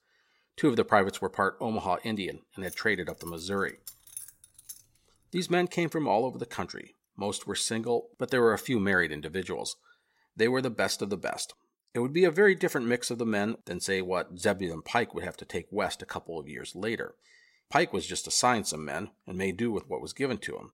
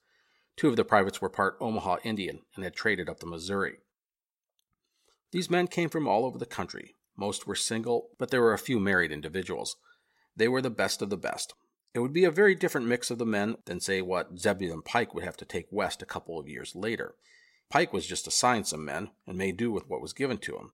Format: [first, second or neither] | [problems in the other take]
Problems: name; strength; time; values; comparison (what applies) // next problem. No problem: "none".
second | jangling keys; faint; from 2.5 to 5 s; peak 10 dB below the speech